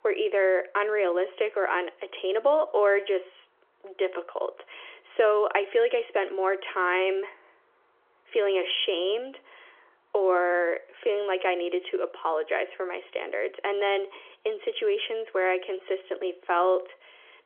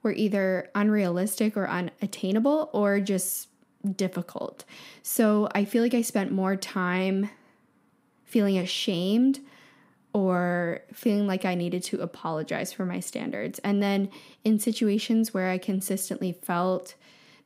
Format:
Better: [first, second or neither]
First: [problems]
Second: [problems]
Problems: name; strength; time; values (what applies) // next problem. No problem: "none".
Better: second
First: phone-call audio; nothing above 3.5 kHz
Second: none